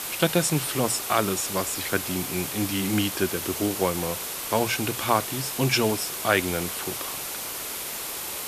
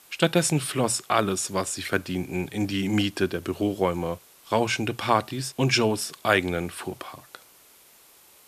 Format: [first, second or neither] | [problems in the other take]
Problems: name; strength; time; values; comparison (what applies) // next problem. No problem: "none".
second | hiss; loud; throughout; 4 dB below the speech; faint in the second